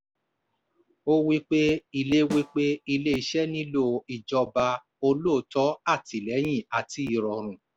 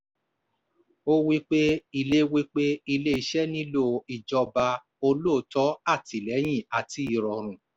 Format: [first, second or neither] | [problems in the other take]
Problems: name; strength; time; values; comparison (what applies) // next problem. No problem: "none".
second | background sound (Snare drum); 15 dB below the speech